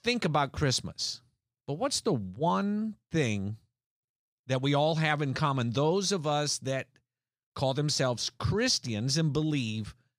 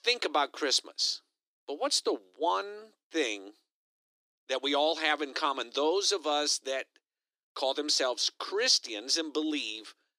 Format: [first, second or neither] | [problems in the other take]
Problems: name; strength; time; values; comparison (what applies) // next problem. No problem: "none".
first | thin; somewhat; fading below 300 Hz